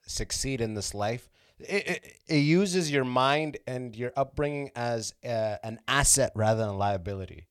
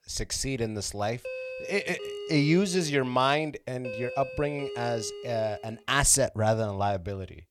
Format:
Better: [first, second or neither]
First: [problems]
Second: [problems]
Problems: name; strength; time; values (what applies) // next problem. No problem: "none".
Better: first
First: none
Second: doorbell; noticeable; from 1.5 to 6 s; peak 9 dB below the speech